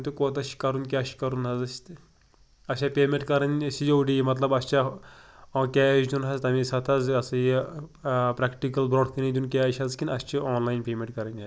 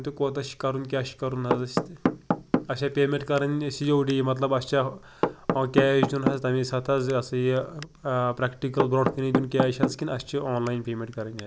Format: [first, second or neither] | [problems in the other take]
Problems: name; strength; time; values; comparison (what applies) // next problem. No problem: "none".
first | background sound (Knock / Wood); 5 dB below the speech